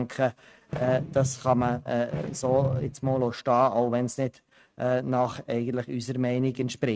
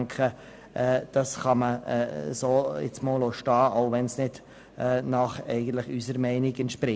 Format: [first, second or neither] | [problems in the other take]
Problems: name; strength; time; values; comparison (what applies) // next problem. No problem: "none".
second | noise reduction (neural mask model RNNoise)